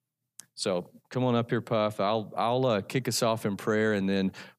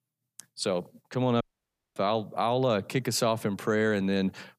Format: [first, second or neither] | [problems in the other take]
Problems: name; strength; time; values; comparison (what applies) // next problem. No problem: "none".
first | audio cutting out; at 1.5 s for 0.5 s